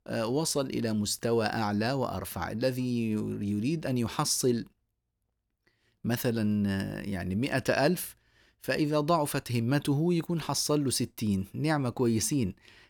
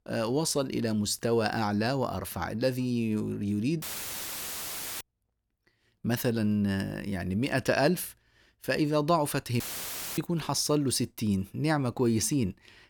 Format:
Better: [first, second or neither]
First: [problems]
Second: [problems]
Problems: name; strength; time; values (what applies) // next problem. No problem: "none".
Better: first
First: none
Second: audio cutting out; filled with static; at 4 s for 1 s and at 9.5 s for 0.5 s